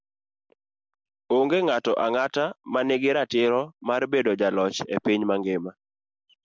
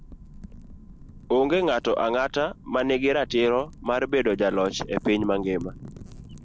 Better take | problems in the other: first | background sound (Wind / Fire); 17 dB below the speech

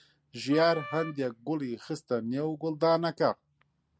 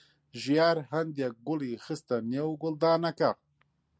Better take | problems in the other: second | background sound (Wind instrument, woodwind instrument); 13 dB below the speech

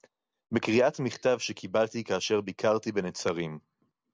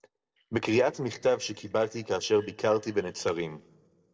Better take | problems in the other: first | noise reduction (neural separator model SepFormer DNS4)

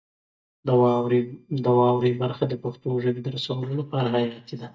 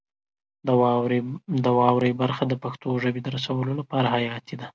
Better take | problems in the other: second | noise reduction (neural mask model DeepFilterNet 3)

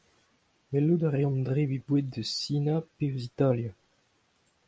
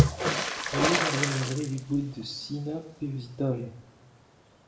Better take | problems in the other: first | background sound (Water / Splash, splatter); 2 dB above the speech // room echo; dies away in 0.6 s

